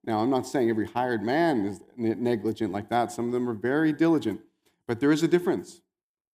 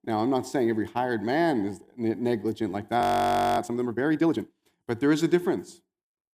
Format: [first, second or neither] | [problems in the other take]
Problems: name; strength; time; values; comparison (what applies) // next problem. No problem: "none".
first | audio freezing; at 3 s for 0.5 s